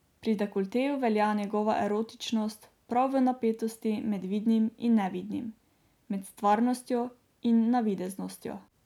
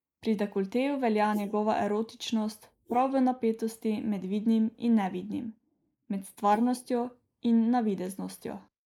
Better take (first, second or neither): first